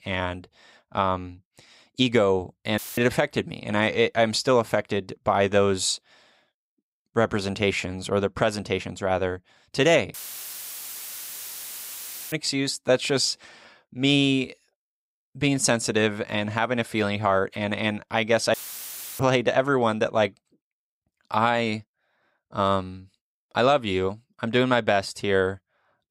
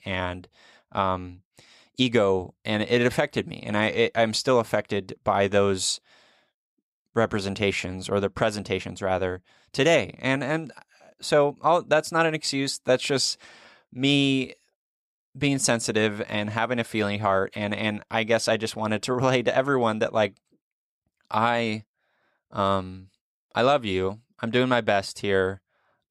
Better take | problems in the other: second | audio cutting out; filled with static; at 3 s, at 10 s for 2 s and at 19 s for 0.5 s

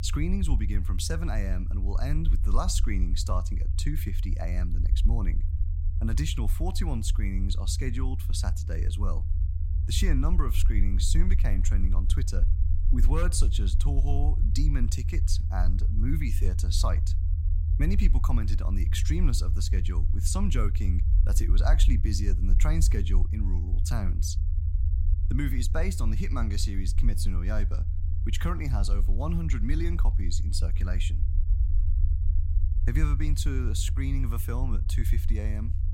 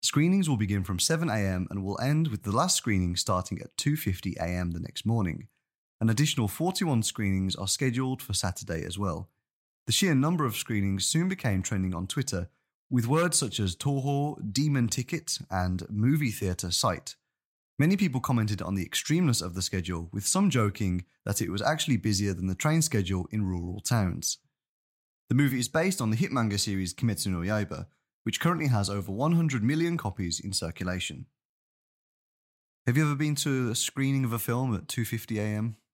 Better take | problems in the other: second | low rumble; loud; throughout; 9 dB below the speech

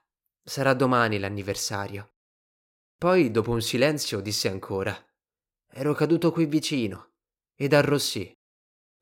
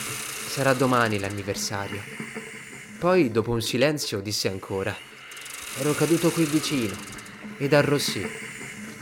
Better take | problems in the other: first | hiss; noticeable; throughout; 10 dB below the speech

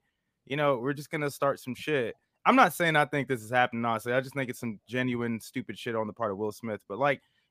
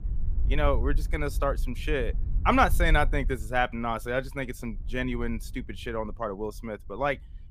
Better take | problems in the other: first | wind noise on the microphone; occasional gusts; 25 dB below the speech

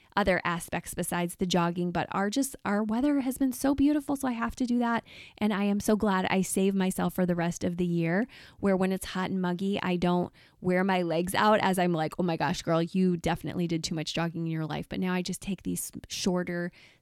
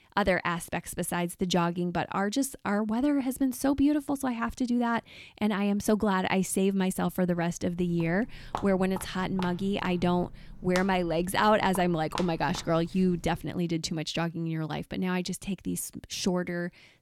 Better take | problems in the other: first | footsteps; noticeable; from 8 to 13 s; peak 9 dB below the speech

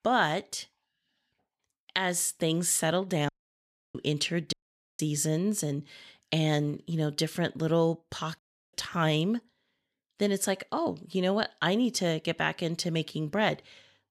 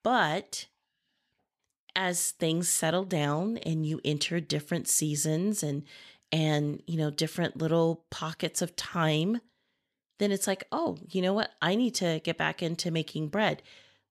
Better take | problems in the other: second | audio cutting out; at 3.5 s for 0.5 s, at 4.5 s and at 8.5 s

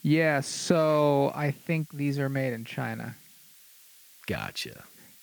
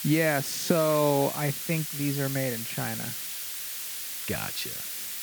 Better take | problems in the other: first | hiss; loud; throughout; 4 dB below the speech; faint in the first

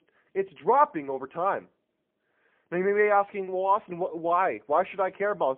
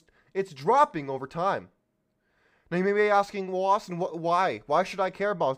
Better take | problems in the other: second | phone-call audio; poor line

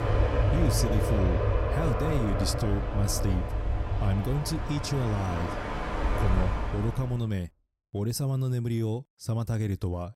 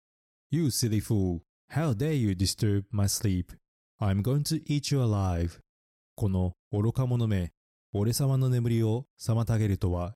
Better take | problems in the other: second | train or aircraft noise; very loud; until 6.5 s; 1 dB above the speech

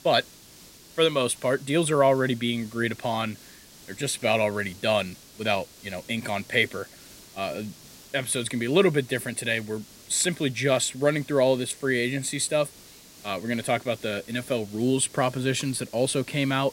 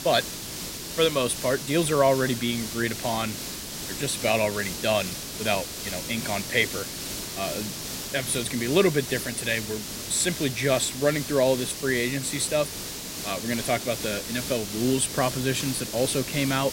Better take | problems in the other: first | hiss; loud; throughout; 6 dB below the speech; faint in the first

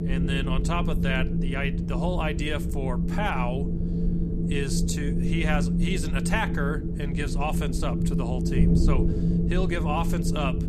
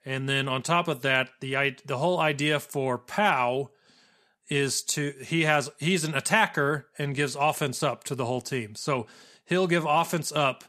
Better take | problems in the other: second | wind noise on the microphone; heavy; 4 dB below the speech

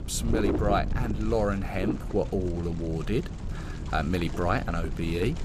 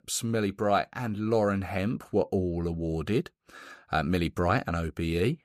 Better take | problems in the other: second | wind noise on the microphone; heavy; 9 dB below the speech

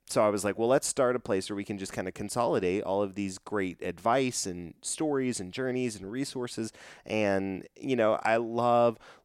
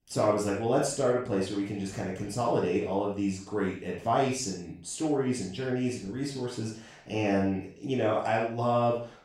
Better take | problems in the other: first | room echo; noticeable; dies away in 0.4 s // off-mic speech; far

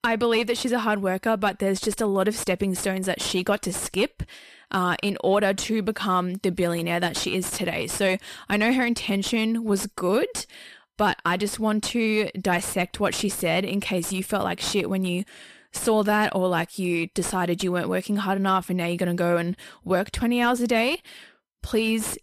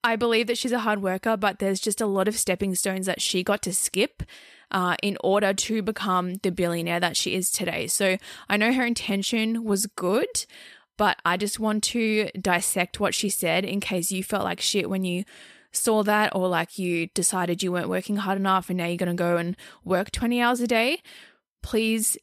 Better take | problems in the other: second | distortion; slight; 10 dB below the speech

